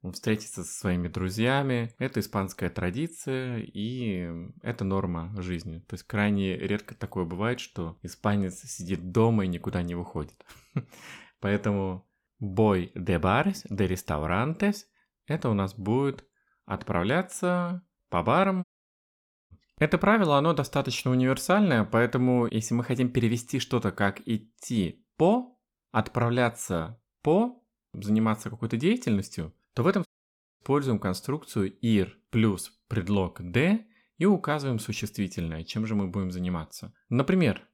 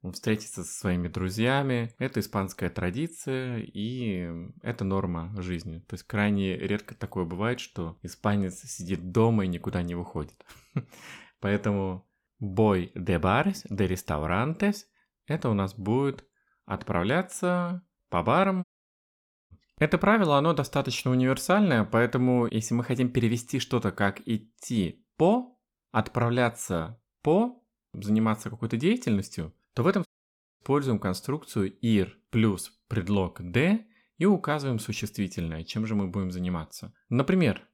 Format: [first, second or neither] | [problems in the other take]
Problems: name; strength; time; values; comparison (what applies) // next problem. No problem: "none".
neither | audio cutting out; at 19 s for 1 s and at 30 s for 0.5 s; the same in both